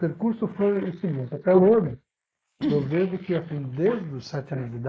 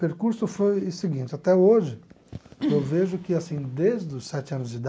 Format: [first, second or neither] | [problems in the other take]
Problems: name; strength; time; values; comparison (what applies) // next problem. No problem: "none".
second | noise reduction (neural mask model Resemble Enhance denoiser)